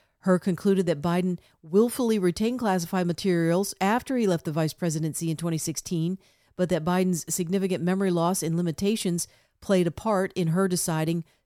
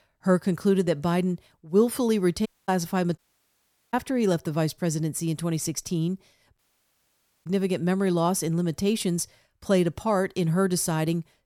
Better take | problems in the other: first | audio cutting out; at 2.5 s, at 3 s for 1 s and at 6.5 s for 1 s

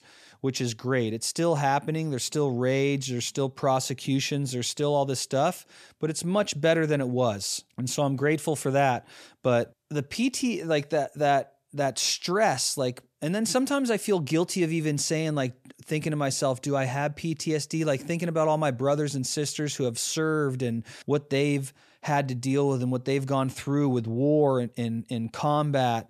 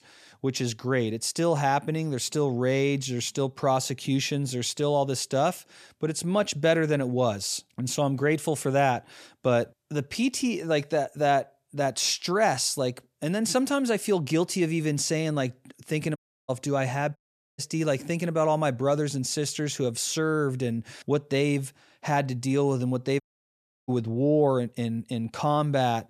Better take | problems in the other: first | audio cutting out; at 16 s, at 17 s and at 23 s for 0.5 s

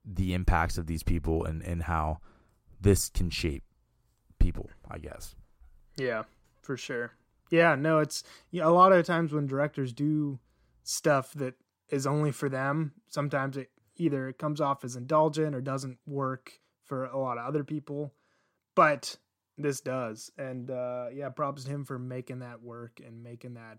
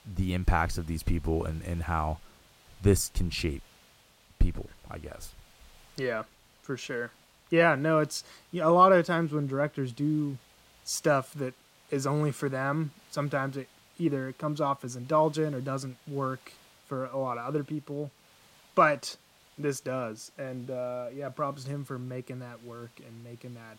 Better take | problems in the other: first | hiss; faint; throughout; 30 dB below the speech

